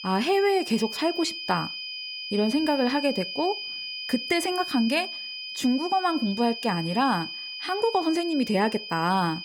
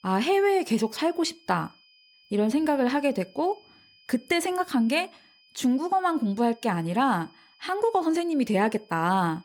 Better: second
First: high-pitched whine; loud; throughout; 5 kHz, 7 dB below the speech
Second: high-pitched whine; faint; throughout; 5 kHz, 30 dB below the speech

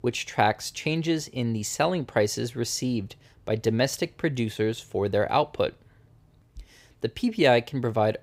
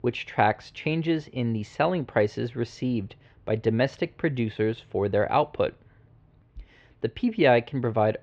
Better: first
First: none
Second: muffled; slightly; fading above 3 kHz

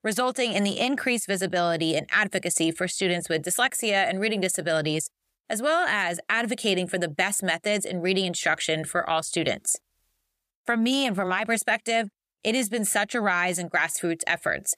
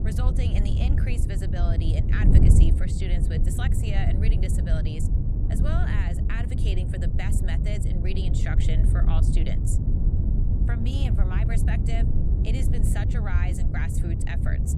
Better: first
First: none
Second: wind noise on the microphone; heavy; 1 dB below the speech

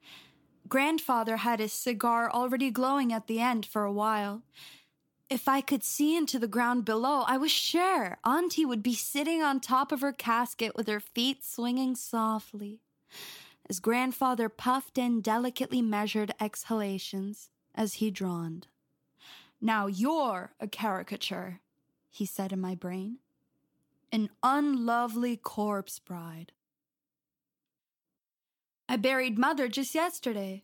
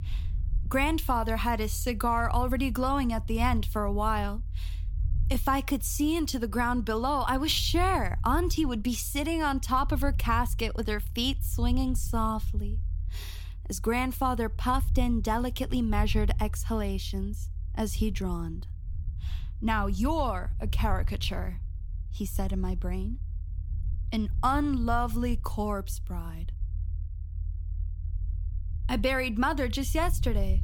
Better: first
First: none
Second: low rumble; faint; throughout; 25 dB below the speech

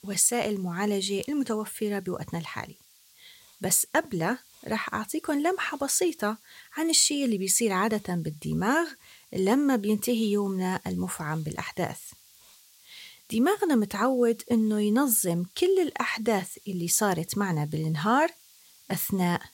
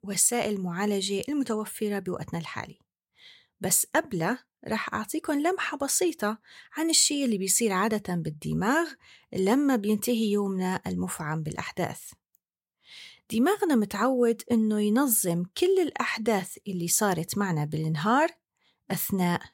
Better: second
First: hiss; faint; throughout; 25 dB below the speech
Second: none

